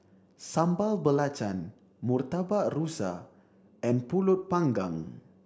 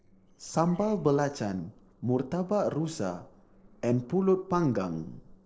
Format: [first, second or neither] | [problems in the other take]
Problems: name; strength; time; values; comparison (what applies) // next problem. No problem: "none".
first | noise reduction (neural separator model SepFormer DNS4)